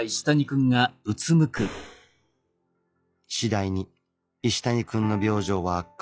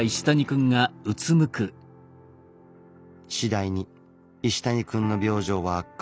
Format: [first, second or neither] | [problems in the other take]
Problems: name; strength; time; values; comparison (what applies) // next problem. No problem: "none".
second | noise reduction (classical method log-MMSE)